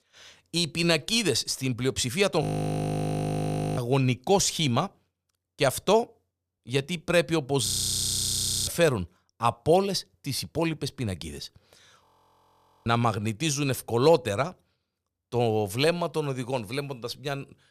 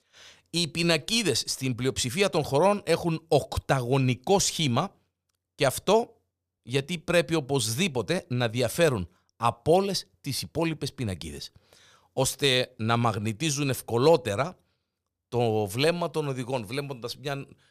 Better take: second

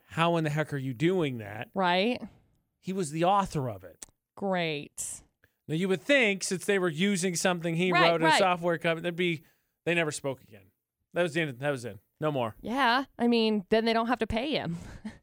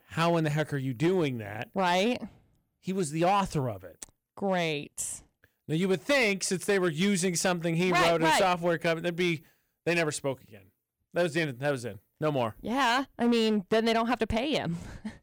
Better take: first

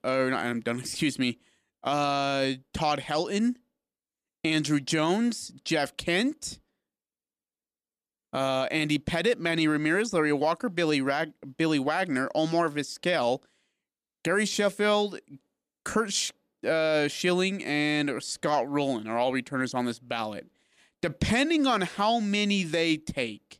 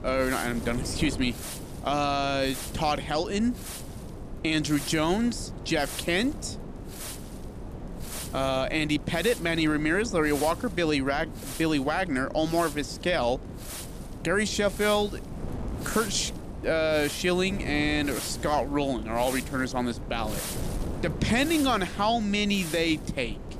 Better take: first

